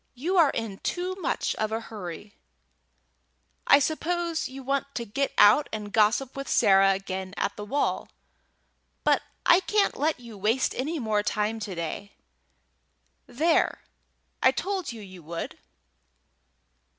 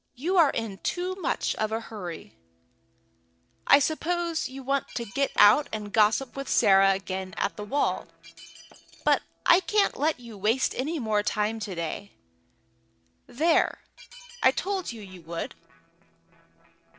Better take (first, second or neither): first